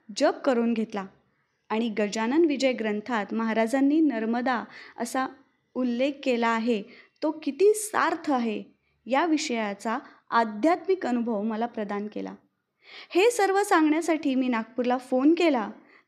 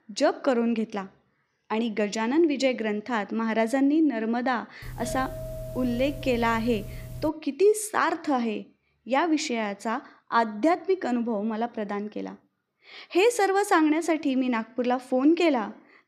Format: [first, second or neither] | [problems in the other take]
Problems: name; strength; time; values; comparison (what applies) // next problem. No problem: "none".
first | doorbell; faint; from 5 to 7.5 s; peak 10 dB below the speech